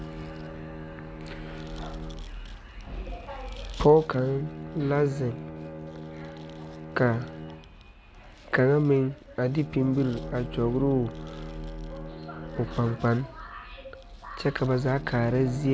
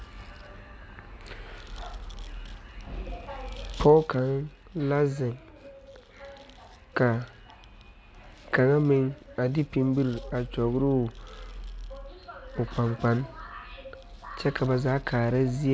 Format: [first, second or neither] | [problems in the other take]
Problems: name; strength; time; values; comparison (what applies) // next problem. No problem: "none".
second | background sound (Bowed string instrument); 13 dB below the speech